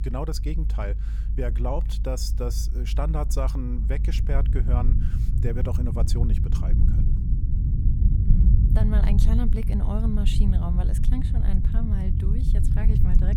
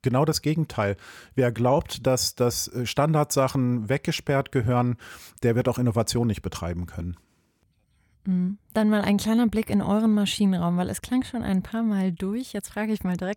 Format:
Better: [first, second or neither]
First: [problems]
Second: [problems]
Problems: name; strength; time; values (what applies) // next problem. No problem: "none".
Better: second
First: low rumble; loud; throughout; 5 dB below the speech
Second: none